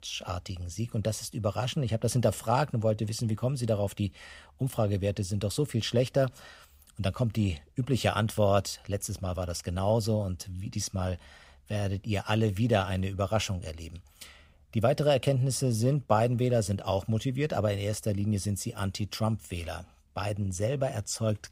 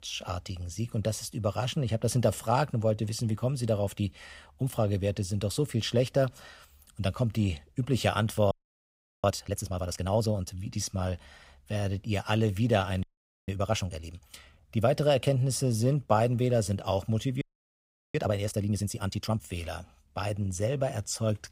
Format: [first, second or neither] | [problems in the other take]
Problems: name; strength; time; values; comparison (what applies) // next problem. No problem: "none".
first | audio freezing; at 8.5 s for 0.5 s, at 13 s and at 17 s for 0.5 s